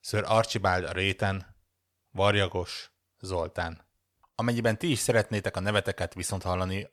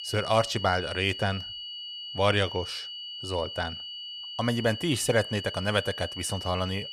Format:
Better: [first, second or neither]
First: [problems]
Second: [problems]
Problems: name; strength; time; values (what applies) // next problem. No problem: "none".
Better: first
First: none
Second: high-pitched whine; loud; throughout; 3 kHz, 8 dB below the speech